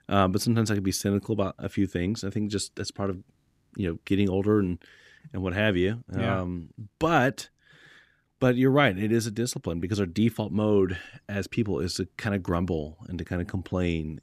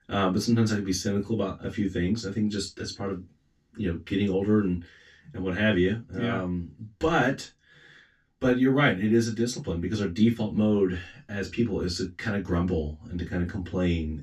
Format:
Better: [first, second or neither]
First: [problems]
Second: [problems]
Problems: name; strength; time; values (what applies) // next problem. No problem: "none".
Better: first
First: none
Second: room echo; slight; dies away in 0.2 s // off-mic speech; far